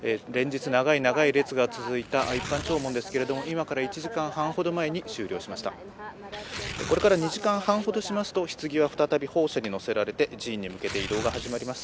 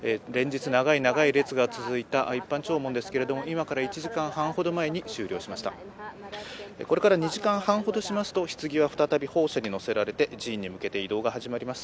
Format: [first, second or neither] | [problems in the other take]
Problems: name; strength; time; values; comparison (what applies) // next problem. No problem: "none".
second | background sound (Tearing); 15 dB below the speech